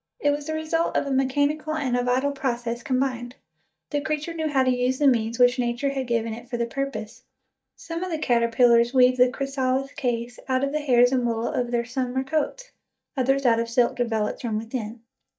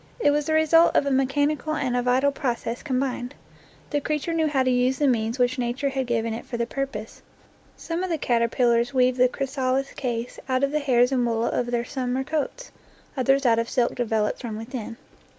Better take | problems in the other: second | noise reduction (neural mask model DeepFilterNet 3)

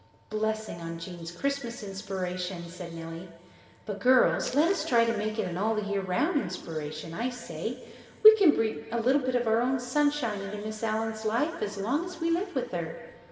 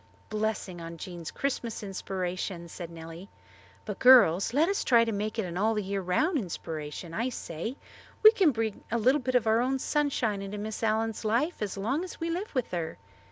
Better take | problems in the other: second | background sound (Crumpling, crinkling); 19 dB below the speech // room echo; dies away in 2.2 s

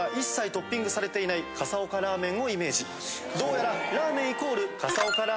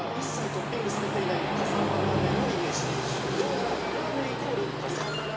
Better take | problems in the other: first | background sound (Train); 3 dB above the speech // room echo; dies away in 2.3 s

